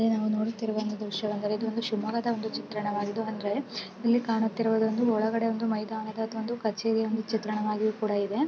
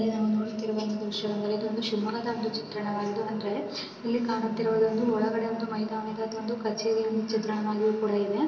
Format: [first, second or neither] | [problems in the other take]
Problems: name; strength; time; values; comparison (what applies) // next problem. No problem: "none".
first | room echo; dies away in 1.4 s